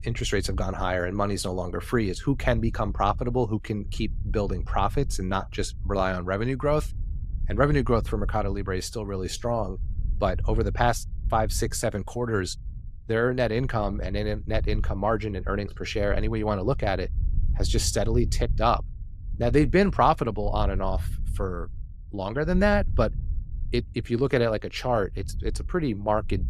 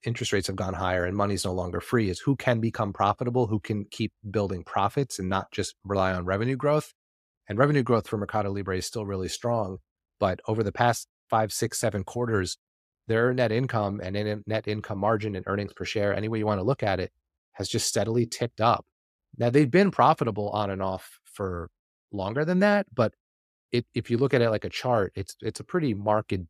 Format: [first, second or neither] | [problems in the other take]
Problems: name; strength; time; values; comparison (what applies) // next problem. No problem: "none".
second | wind noise on the microphone; occasional gusts; 25 dB below the speech